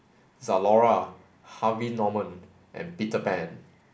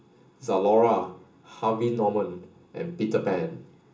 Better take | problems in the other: first | room echo; dies away in 0.2 s

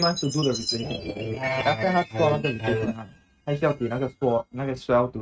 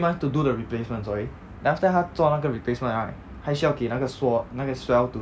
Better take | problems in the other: second | noise reduction (neural mask model RNNoise)

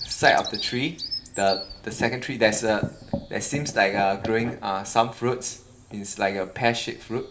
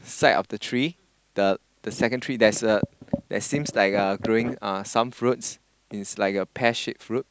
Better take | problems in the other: second | background sound (Bird vocalization, bird call, bird song); 14 dB below the speech // room echo; dies away in 0.9 s

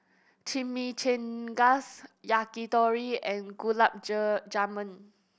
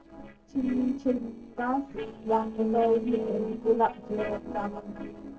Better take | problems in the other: first | noise reduction (neural separator model SepFormer DNS4)

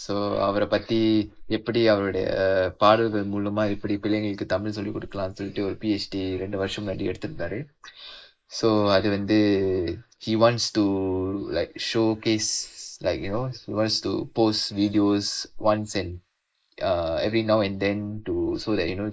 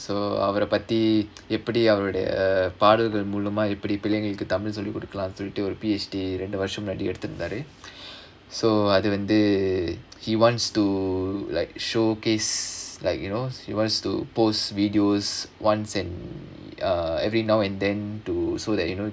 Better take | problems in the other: second | noise reduction (neural mask model Resemble Enhance denoiser)

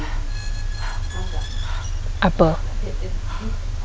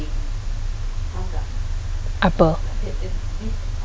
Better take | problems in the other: second | background sound (Squeak + Breathing); 18 dB below the speech

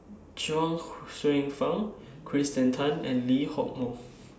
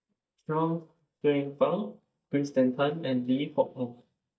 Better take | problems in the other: first | noise reduction (neural mask model DeepFilterNet 3)

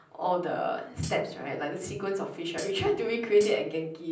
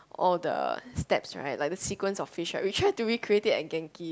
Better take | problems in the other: second | background sound (Hi-hat); 16 dB below the speech // room echo; dies away in 0.6 s

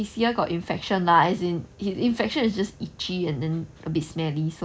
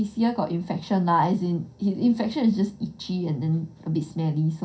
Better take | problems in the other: first | room echo; dies away in 0.3 s

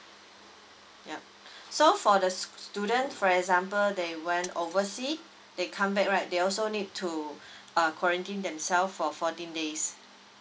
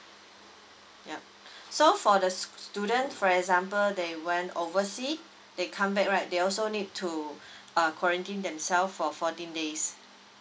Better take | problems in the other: second | background sound (Mechanisms); 18 dB below the speech

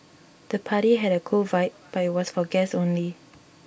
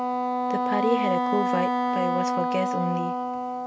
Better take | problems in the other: first | background sound (Wind instrument, woodwind instrument); 4 dB above the speech

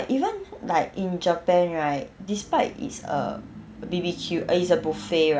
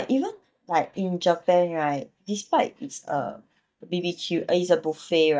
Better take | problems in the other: first | noise reduction (neural mask model DeepFilterNet 3)

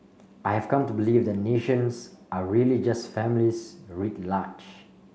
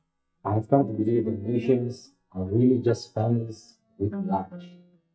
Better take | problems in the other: first | noise reduction (neural mask model DeepFilterNet 3)

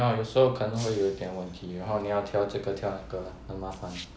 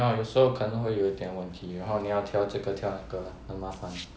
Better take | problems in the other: second | background sound (Shatter); 20 dB below the speech

